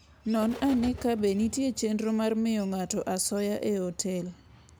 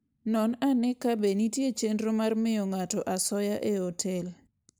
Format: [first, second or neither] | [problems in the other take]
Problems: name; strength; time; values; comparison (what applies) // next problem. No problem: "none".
second | background sound (Bird); 19 dB below the speech